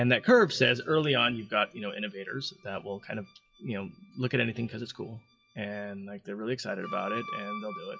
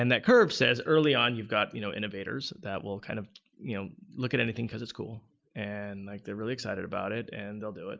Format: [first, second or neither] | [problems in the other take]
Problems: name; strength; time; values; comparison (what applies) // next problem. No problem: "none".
second | noise reduction (classical method WPE with log-MMSE)